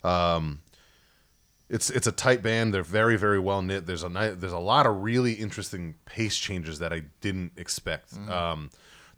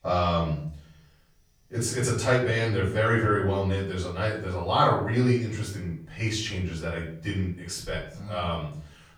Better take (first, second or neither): first